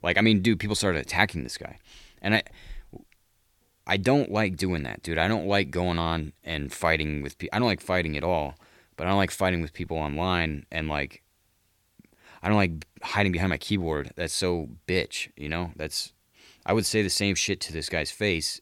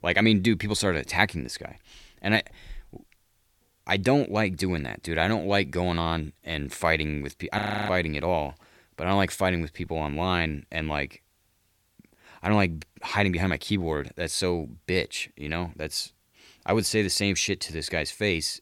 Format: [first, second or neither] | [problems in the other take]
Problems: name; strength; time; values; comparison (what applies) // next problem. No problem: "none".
first | audio freezing; at 7.5 s